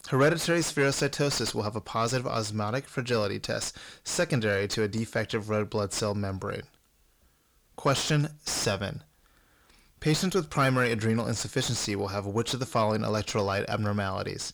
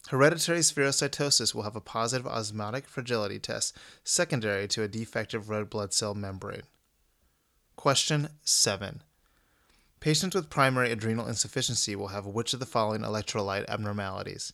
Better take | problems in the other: second | distortion; heavy; 6 dB below the speech

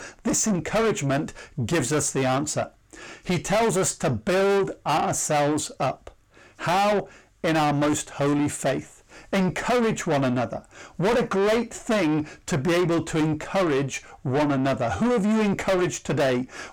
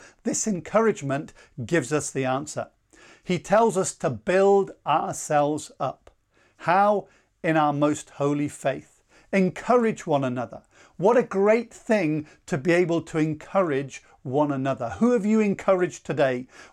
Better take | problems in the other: second | distortion; heavy; 6 dB below the speech

